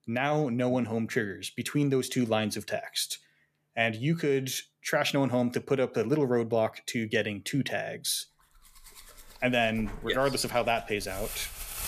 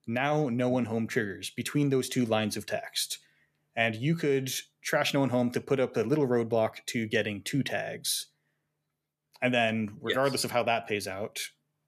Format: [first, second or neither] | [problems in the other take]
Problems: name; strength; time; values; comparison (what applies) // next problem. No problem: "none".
second | household noises; noticeable; from 9 s on; 15 dB below the speech